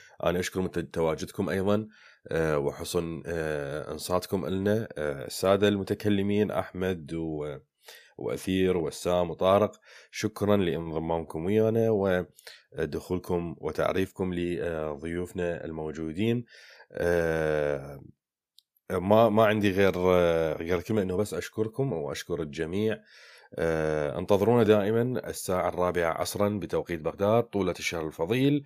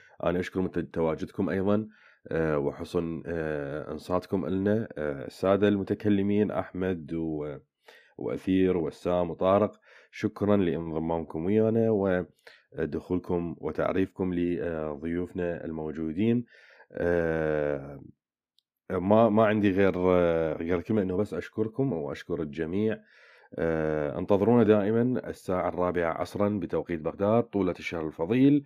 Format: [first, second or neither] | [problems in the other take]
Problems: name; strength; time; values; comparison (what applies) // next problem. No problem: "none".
first | muffled; slightly; fading above 4 kHz